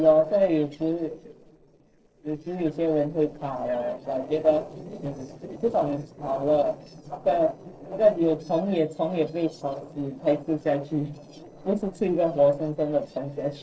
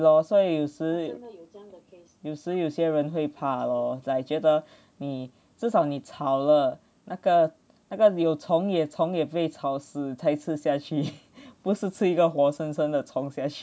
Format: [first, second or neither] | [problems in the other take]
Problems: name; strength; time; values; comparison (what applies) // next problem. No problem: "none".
second | noise reduction (neural separator model SepFormer DNS4)